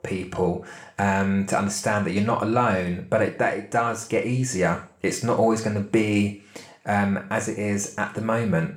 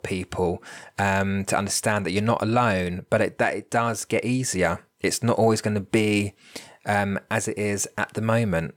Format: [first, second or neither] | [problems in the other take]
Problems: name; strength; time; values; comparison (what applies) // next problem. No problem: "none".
second | room echo; very slight; dies away in 0.4 s // off-mic speech; somewhat distant